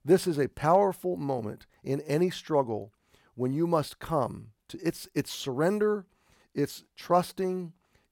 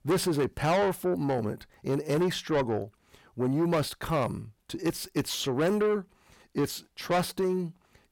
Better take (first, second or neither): first